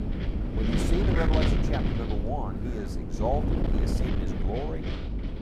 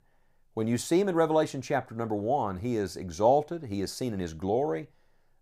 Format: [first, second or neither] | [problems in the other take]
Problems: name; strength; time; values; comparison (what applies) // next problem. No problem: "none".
second | wind noise on the microphone; heavy; as loud as the speech